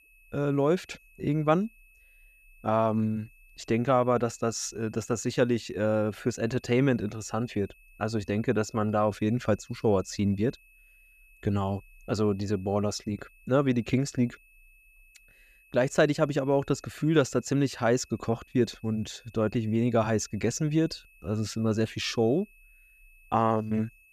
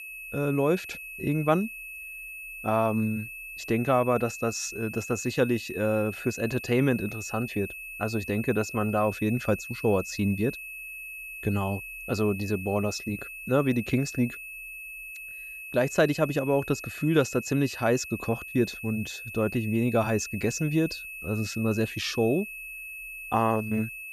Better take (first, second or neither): first